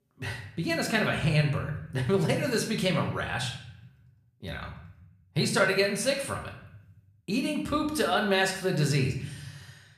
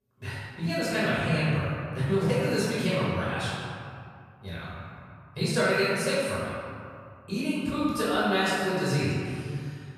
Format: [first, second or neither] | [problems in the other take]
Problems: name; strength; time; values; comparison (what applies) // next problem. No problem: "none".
first | room echo; strong; dies away in 2.2 s; slight in the first // off-mic speech; far; somewhat distant in the first